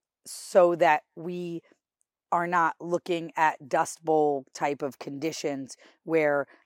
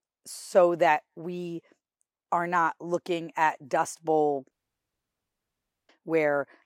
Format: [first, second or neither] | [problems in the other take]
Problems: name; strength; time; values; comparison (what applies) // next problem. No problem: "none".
first | audio cutting out; at 4.5 s for 1.5 s